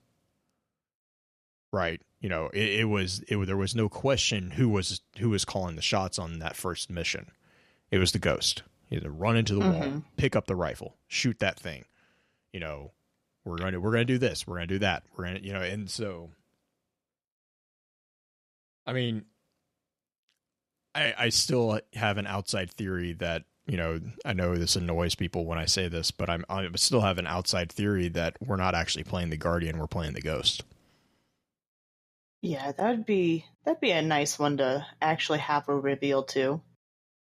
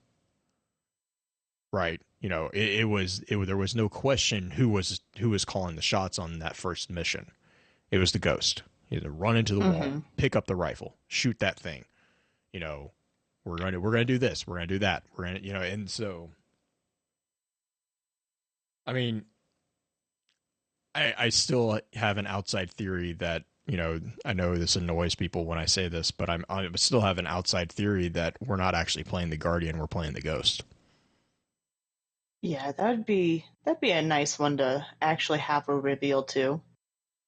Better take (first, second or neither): first